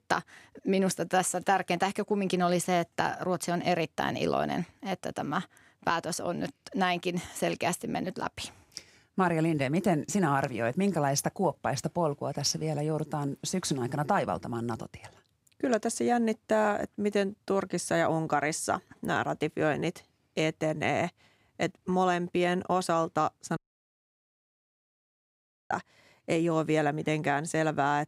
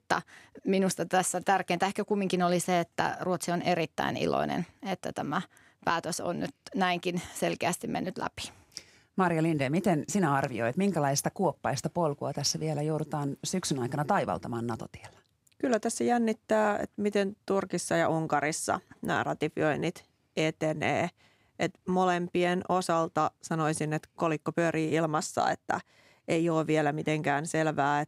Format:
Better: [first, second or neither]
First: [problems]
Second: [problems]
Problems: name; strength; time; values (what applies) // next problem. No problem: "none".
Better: second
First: audio cutting out; at 24 s for 2 s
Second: none